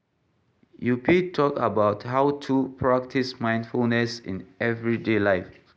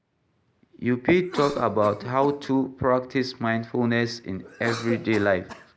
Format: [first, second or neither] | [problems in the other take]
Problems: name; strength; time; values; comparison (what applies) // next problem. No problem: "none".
first | background sound (Cough); 16 dB below the speech